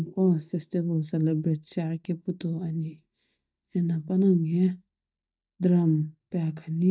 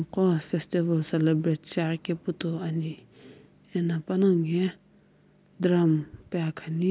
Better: second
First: noise reduction (neural mask model DeepFilterNet 3)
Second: none

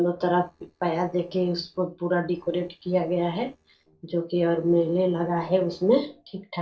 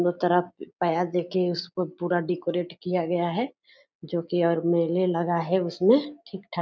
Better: second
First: noise reduction (neural separator model SepFormer DNS4)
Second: none

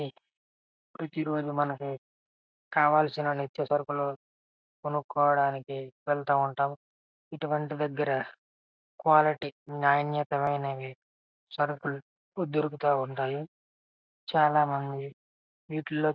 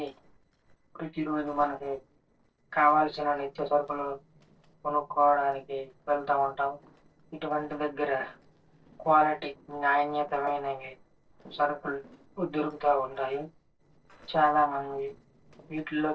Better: first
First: none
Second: noise reduction (neural separator model SepFormer DNS4)

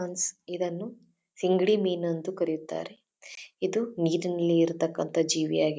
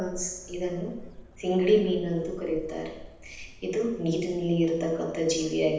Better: first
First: none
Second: background sound (Chirp, tweet); 18 dB below the speech // room echo; dies away in 0.9 s

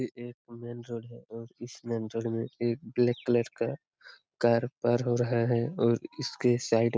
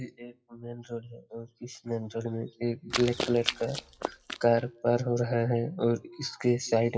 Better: first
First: none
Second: noise reduction (classical method WPE with log-MMSE)

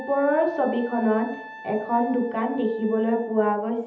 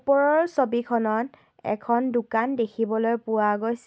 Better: second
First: background sound (Wind instrument, woodwind instrument); 18 dB below the speech // room echo; dies away in 1.2 s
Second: none

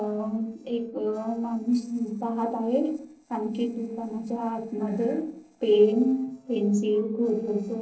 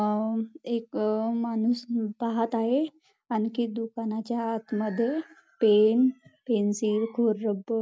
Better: second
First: noise reduction (neural separator model SepFormer DNS4)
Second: none

